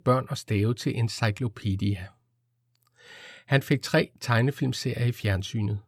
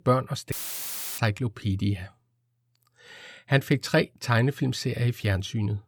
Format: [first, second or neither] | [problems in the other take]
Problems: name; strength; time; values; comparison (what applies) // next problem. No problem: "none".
first | audio cutting out; filled with static; at 0.5 s for 0.5 s